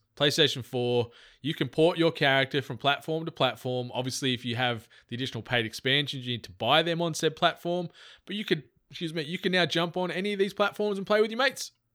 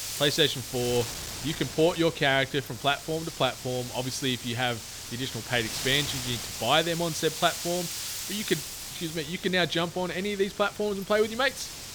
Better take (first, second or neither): first